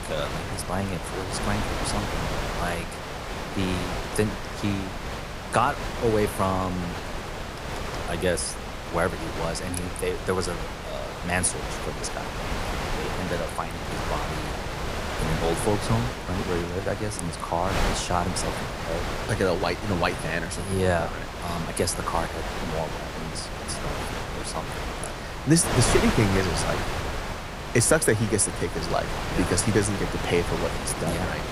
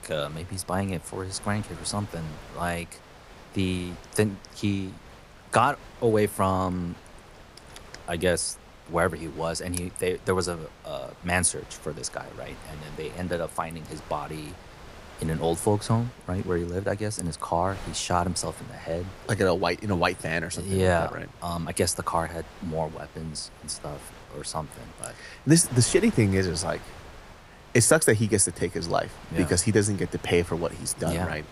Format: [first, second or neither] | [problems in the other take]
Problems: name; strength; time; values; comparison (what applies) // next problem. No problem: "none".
second | wind noise on the microphone; heavy; 3 dB below the speech; occasional gusts in the second